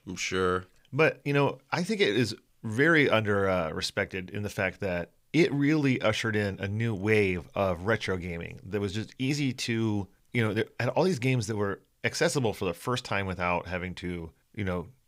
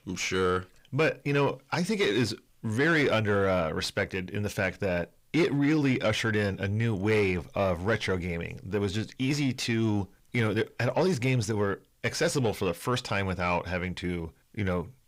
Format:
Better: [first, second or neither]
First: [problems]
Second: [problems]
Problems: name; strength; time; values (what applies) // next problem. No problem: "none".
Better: first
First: none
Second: distortion; slight; 10 dB below the speech